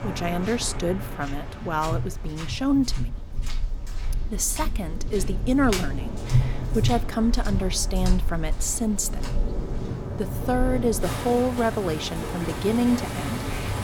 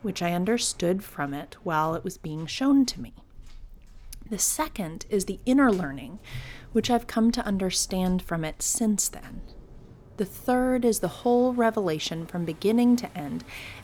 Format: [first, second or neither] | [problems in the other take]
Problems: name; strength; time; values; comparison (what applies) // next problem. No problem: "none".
second | rain or running water; loud; throughout; 4 dB below the speech; faint in the second